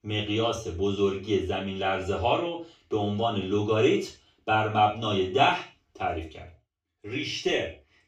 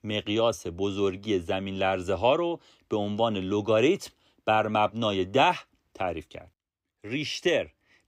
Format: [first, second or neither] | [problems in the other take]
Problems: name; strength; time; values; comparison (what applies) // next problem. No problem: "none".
second | room echo; noticeable; dies away in 0.3 s // off-mic speech; far